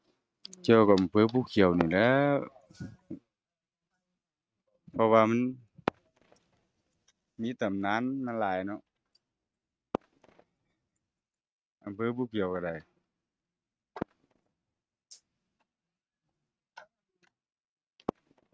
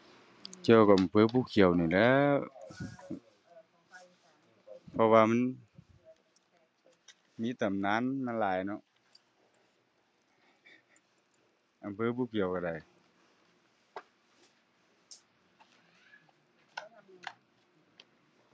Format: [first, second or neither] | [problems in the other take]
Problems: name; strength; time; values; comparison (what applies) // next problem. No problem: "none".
second | noise reduction (neural mask model RNNoise)